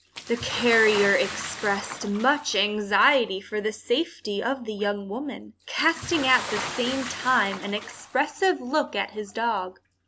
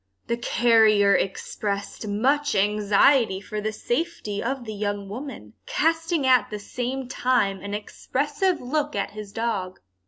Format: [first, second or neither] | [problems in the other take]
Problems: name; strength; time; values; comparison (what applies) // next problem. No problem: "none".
second | background sound (Bathtub (filling or washing) / Splash, splatter); 12 dB below the speech